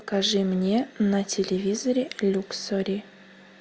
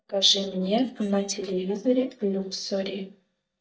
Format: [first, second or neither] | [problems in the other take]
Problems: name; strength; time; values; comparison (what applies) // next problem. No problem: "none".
first | noise reduction (neural mask model DeepFilterNet 3)